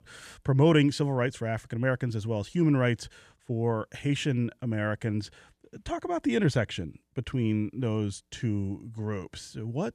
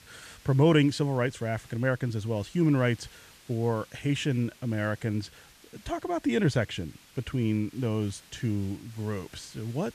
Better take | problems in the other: first | hiss; faint; throughout; 25 dB below the speech

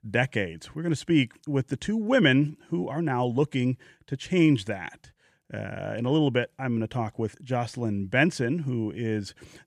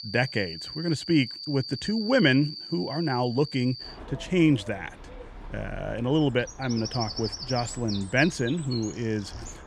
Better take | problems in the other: first | animal sounds; noticeable; throughout; 10 dB below the speech

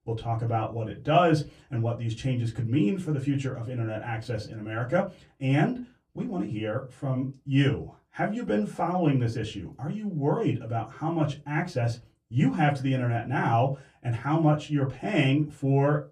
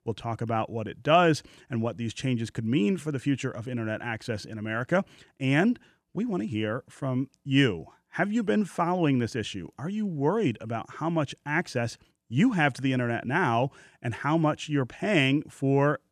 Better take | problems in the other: second | off-mic speech; far // room echo; very slight; dies away in 0.2 s

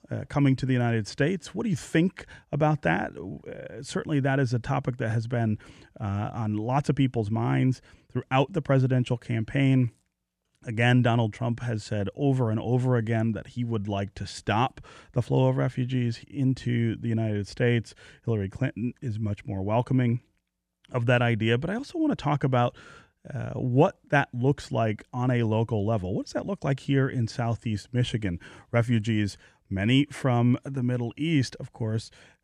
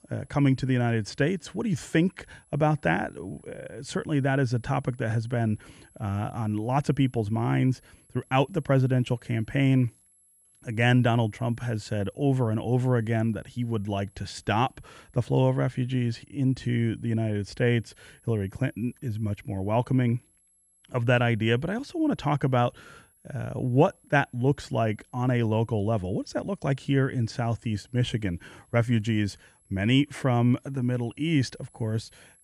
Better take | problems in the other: first | high-pitched whine; faint; throughout; 11 kHz, 35 dB below the speech

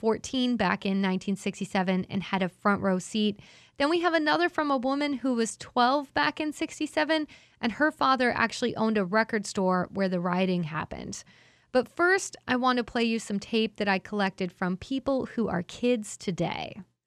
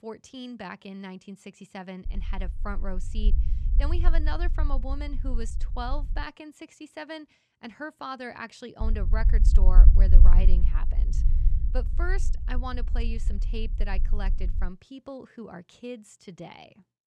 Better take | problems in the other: first | low rumble; loud; from 2 to 6 s and from 9 to 15 s; 10 dB below the speech

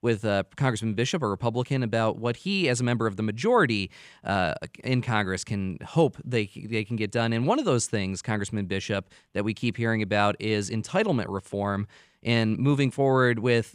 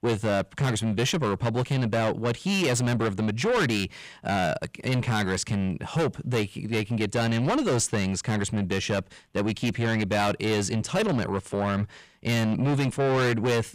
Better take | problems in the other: first | distortion; heavy; 7 dB below the speech

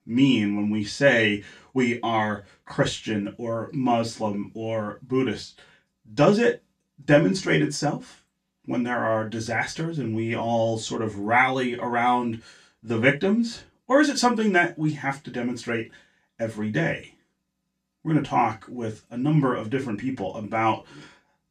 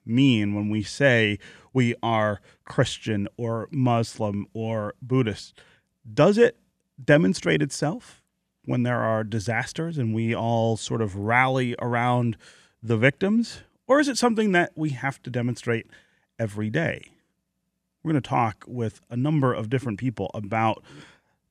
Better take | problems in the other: second | room echo; very slight; dies away in 0.2 s // off-mic speech; far

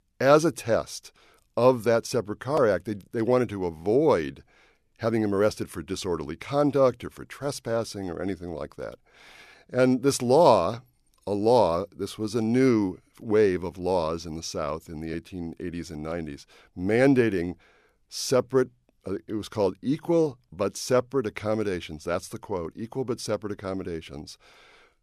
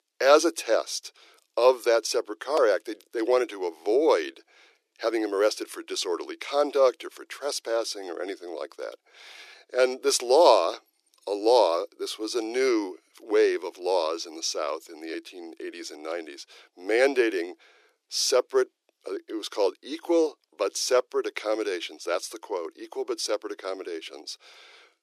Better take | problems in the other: first | thin; very; fading below 350 Hz

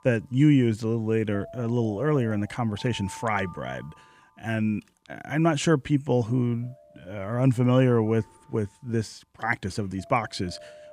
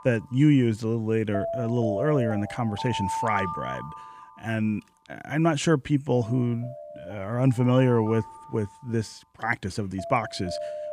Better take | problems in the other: first | alarms or sirens; loud; throughout; 9 dB below the speech; faint in the first

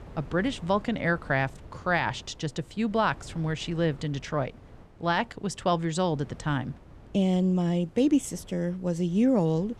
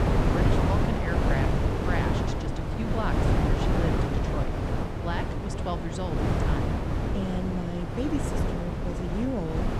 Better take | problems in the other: first | wind noise on the microphone; heavy; 4 dB above the speech; occasional gusts in the first

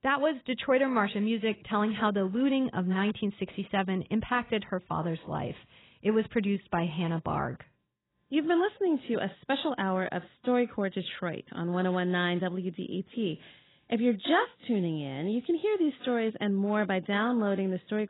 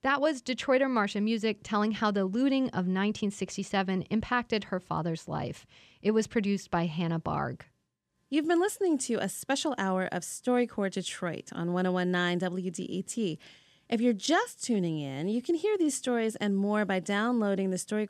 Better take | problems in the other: second | garbled, watery; badly; nothing above 4 kHz

